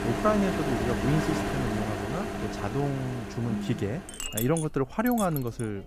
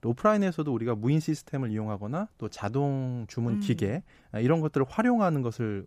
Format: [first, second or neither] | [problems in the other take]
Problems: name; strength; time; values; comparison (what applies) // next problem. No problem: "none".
second | household noises; loud; throughout; 3 dB below the speech